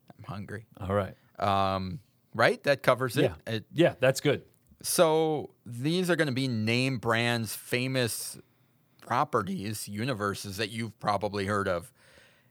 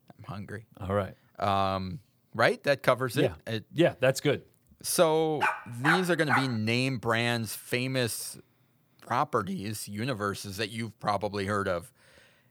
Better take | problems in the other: first | dog barking; loud; from 5.5 to 6.5 s; peak 1 dB above the speech

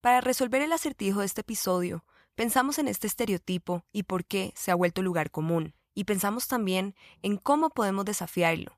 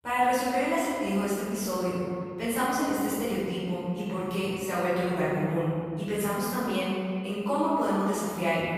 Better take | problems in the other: first | off-mic speech; far // room echo; strong; dies away in 2 s

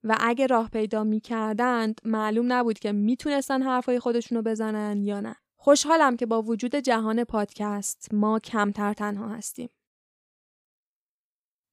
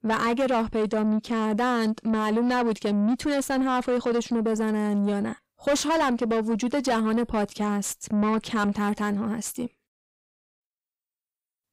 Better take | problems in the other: first | distortion; heavy; 7 dB below the speech

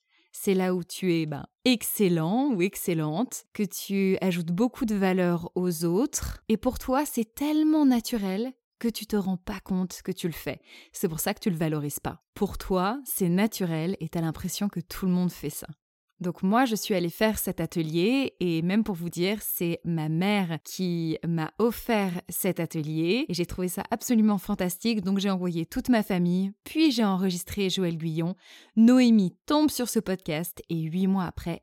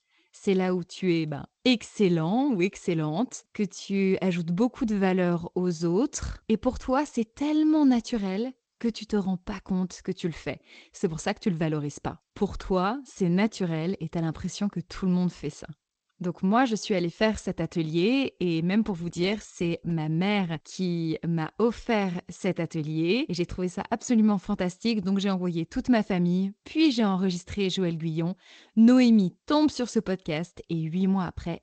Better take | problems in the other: first | garbled, watery; slightly; nothing above 8 kHz

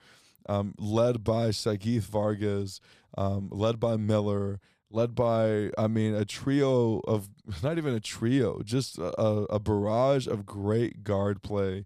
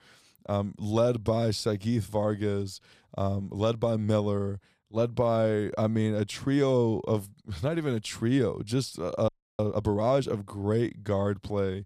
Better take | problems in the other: first | audio freezing; at 9.5 s

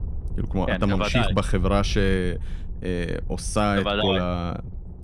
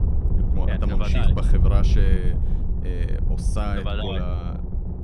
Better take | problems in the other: first | low rumble; loud; throughout; 5 dB below the speech; faint in the first

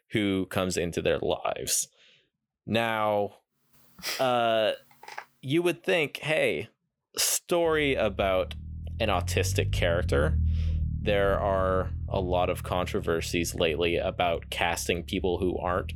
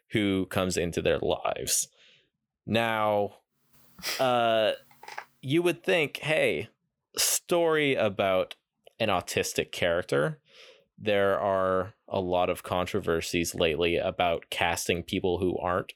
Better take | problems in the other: second | low rumble; faint; from 7.5 s on; 20 dB below the speech

